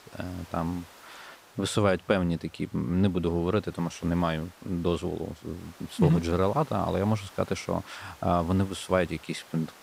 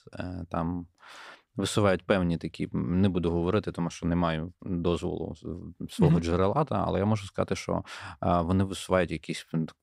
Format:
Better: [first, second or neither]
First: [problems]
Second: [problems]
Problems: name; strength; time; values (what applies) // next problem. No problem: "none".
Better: second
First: hiss; faint; throughout; 20 dB below the speech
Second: none